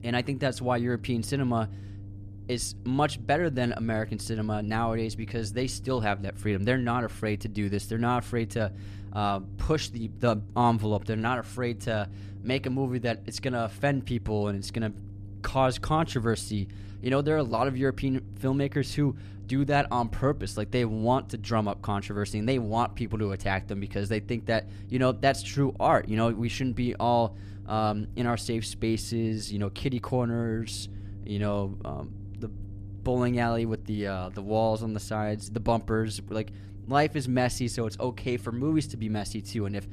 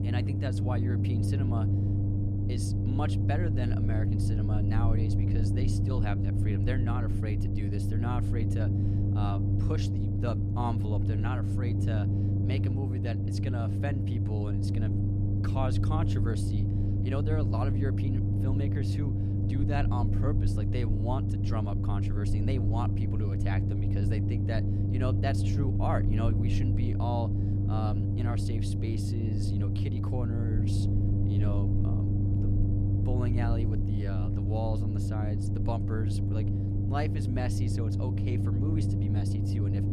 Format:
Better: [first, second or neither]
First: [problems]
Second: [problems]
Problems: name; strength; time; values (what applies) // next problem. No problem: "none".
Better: first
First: low rumble; faint; throughout; 25 dB below the speech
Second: low rumble; loud; throughout; as loud as the speech